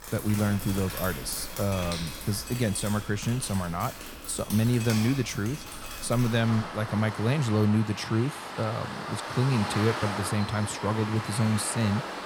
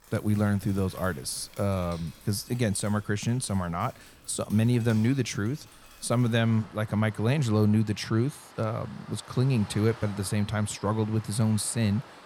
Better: second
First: rain or running water; loud; throughout; 8 dB below the speech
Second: rain or running water; faint; throughout; 20 dB below the speech

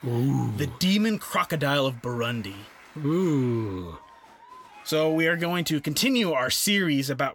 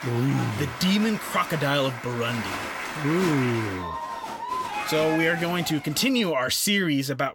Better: first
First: crowd noise; faint; until 6 s; 25 dB below the speech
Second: crowd noise; loud; until 6 s; 8 dB below the speech

